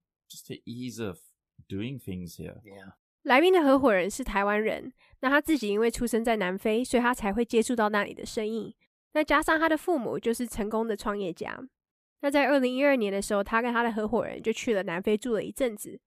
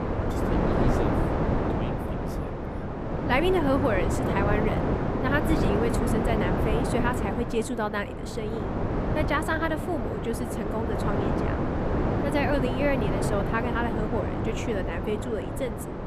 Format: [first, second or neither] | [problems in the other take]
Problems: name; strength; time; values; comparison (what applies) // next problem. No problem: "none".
first | wind noise on the microphone; heavy; 1 dB below the speech